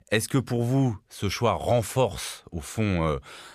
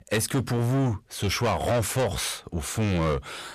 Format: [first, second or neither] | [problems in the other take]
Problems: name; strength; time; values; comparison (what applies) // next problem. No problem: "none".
first | distortion; heavy; 8 dB below the speech